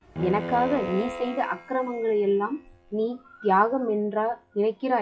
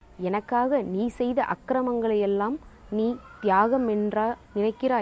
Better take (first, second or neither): second